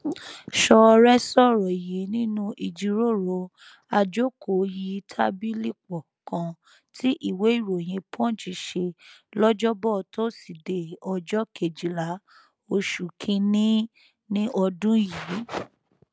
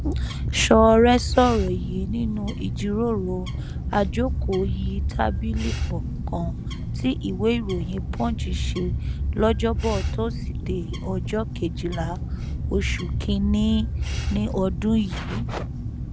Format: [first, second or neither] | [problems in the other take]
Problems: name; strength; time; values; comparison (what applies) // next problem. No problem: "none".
first | background sound (Bird); 2 dB below the speech